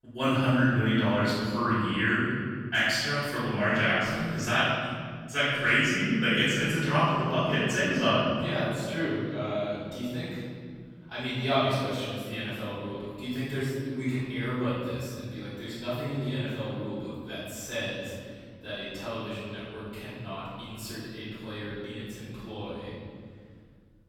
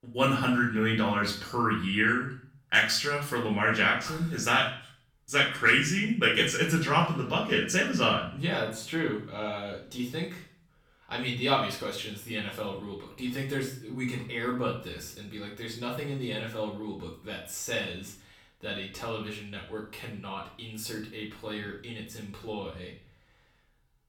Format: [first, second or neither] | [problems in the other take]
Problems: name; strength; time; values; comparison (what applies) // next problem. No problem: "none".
second | room echo; strong; dies away in 2.2 s; slight in the second // off-mic speech; far; far in the second